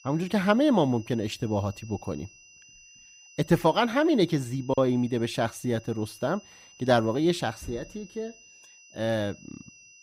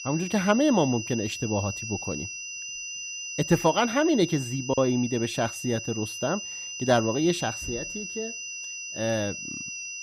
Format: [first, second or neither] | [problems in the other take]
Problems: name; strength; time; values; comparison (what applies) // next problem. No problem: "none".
first | high-pitched whine; loud; throughout; 3 kHz, 7 dB below the speech; faint in the first